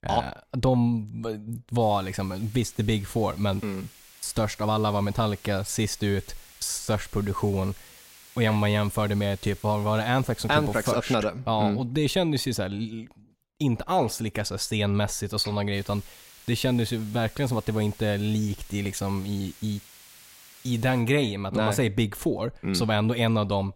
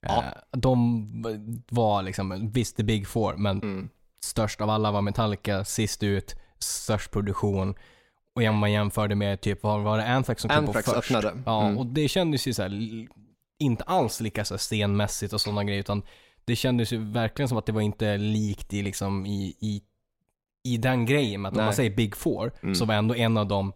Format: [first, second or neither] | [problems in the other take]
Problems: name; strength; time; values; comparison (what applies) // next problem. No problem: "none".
second | hiss; faint; from 2 to 11 s and from 16 to 21 s; 20 dB below the speech